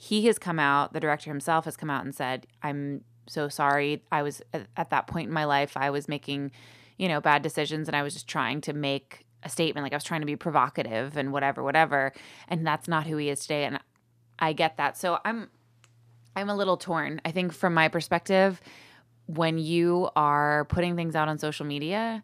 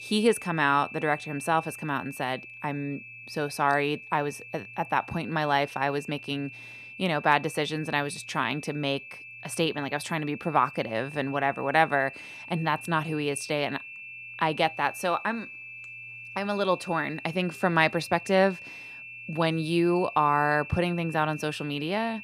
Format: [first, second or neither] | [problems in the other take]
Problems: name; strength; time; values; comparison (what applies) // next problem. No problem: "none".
first | high-pitched whine; noticeable; throughout; 2.5 kHz, 15 dB below the speech